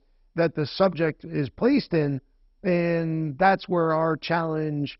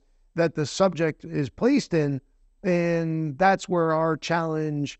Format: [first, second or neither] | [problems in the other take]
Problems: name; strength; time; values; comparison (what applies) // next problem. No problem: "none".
second | garbled, watery; badly; nothing above 5.5 kHz; slightly in the second